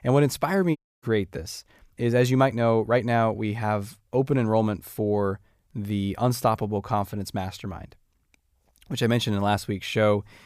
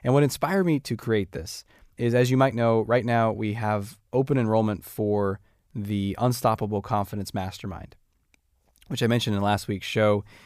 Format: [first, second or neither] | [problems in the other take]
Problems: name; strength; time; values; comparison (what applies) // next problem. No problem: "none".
second | audio cutting out; at 1 s